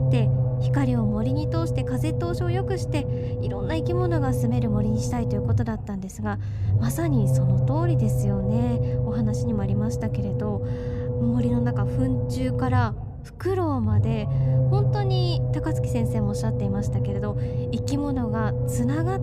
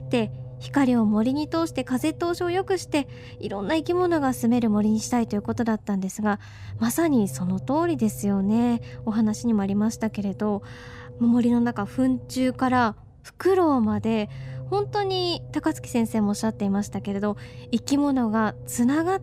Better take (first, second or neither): second